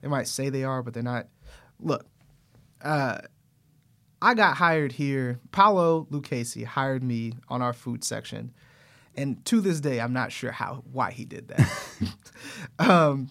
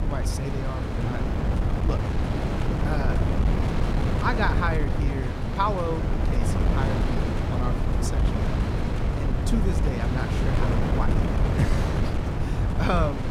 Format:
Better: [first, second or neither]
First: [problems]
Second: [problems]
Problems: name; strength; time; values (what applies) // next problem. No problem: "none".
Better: first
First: none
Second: wind noise on the microphone; heavy; 1 dB below the speech